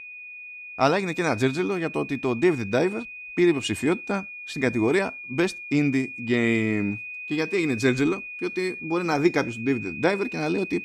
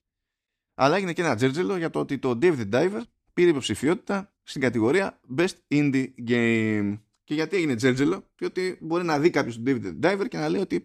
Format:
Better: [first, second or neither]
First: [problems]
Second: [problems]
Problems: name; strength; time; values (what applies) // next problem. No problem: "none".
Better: second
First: high-pitched whine; noticeable; throughout; 2.5 kHz, 10 dB below the speech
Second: none